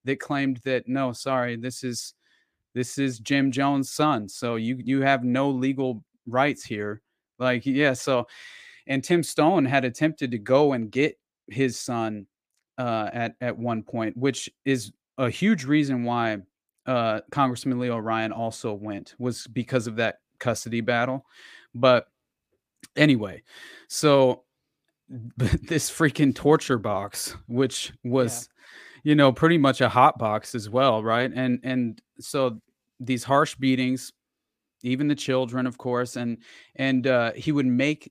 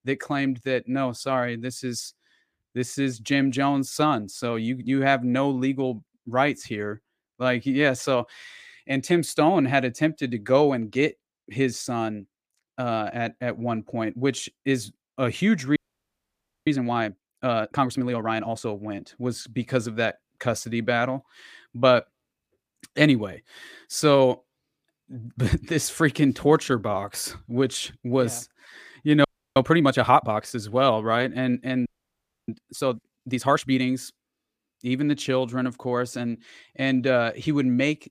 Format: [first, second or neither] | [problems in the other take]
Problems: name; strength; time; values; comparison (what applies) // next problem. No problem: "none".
first | audio freezing; at 16 s for 1 s, at 29 s and at 32 s for 0.5 s